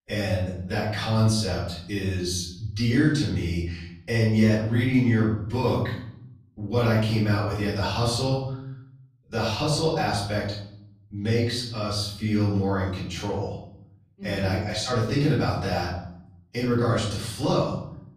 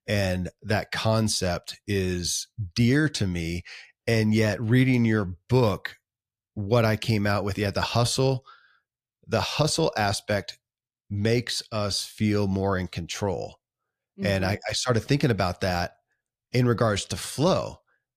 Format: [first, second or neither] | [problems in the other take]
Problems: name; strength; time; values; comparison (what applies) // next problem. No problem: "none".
second | off-mic speech; far // room echo; noticeable; dies away in 0.7 s